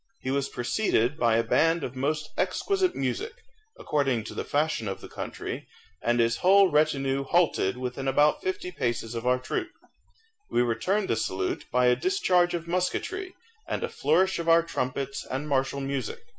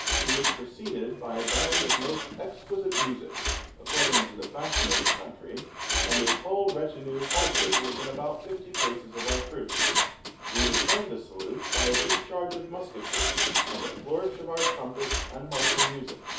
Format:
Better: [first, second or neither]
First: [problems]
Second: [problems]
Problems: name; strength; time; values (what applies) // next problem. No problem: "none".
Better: first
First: none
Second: background sound (Mechanisms); 4 dB above the speech // room echo; dies away in 0.5 s